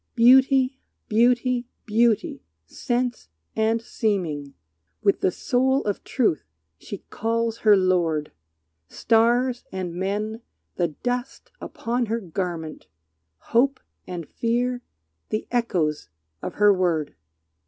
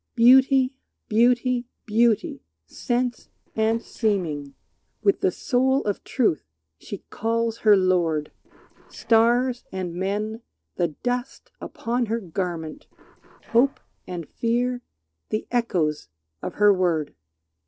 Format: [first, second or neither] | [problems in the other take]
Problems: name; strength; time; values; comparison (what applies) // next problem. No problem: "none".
first | noise reduction (neural separator model SepFormer DNS4)